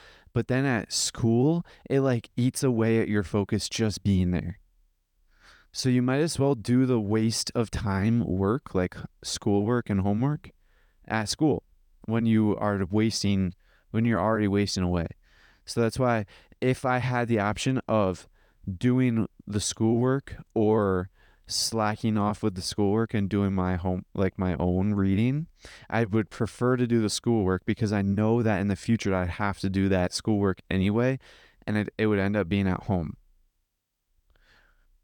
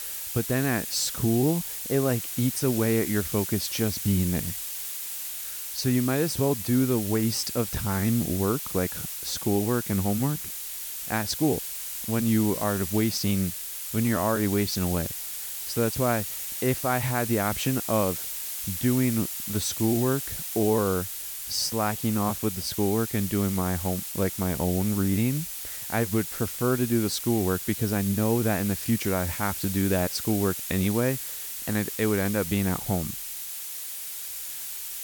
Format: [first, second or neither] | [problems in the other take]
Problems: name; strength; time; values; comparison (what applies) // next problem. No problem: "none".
first | hiss; loud; throughout; 5 dB below the speech